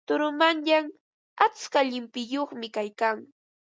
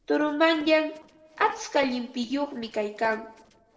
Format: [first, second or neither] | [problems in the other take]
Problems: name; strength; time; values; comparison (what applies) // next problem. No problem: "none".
first | noise reduction (neural separator model SepFormer DNS4)